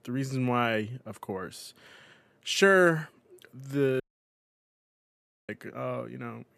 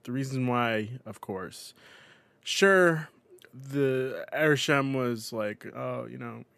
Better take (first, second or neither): second